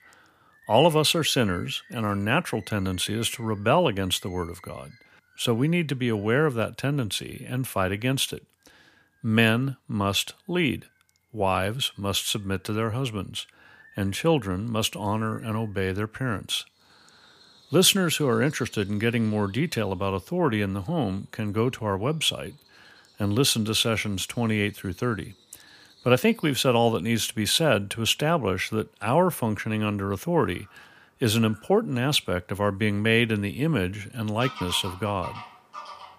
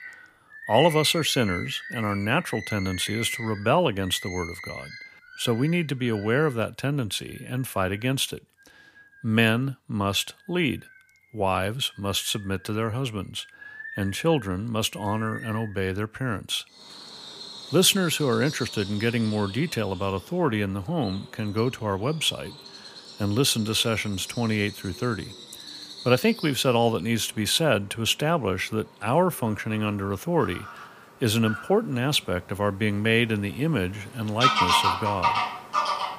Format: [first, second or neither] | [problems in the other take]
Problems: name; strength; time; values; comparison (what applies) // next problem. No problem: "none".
first | animal sounds; loud; throughout; 7 dB below the speech; faint in the first